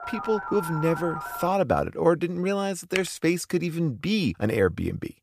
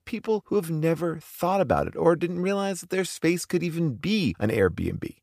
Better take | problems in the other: second | phone ringing; noticeable; until 1.5 s; peak 7 dB below the speech // keyboard typing; very faint; at 3 s; peak 7 dB below the speech

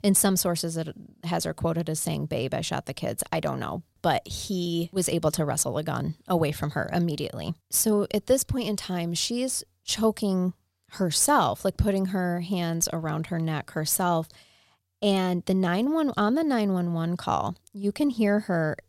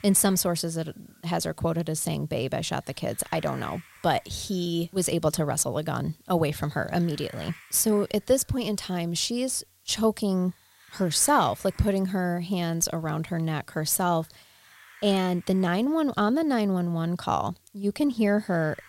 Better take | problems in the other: first | hiss; faint; throughout; 25 dB below the speech

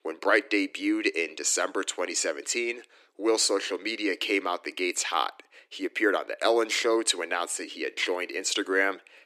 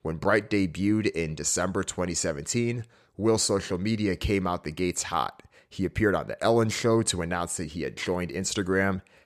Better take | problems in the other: second | thin; somewhat; fading below 300 Hz

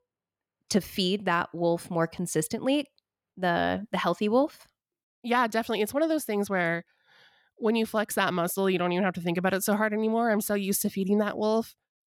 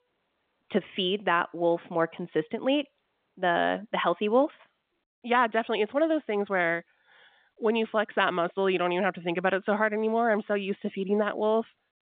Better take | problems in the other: first | phone-call audio; nothing above 3 kHz

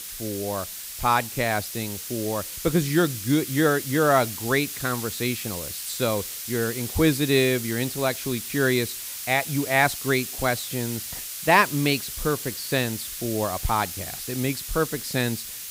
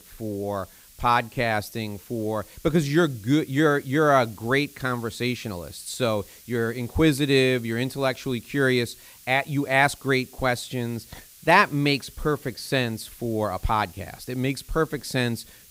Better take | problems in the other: second | hiss; loud; throughout; 7 dB below the speech; faint in the second

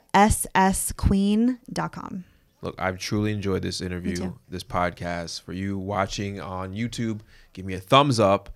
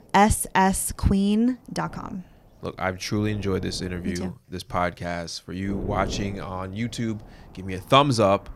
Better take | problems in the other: first | wind noise on the microphone; occasional gusts; until 4 s and from 5.5 s on; 20 dB below the speech

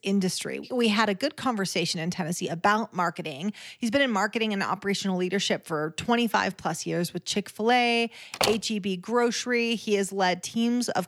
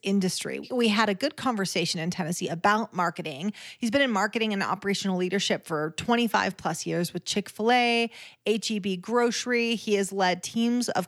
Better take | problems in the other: second | door banging; noticeable; at 8.5 s; peak 1 dB below the speech

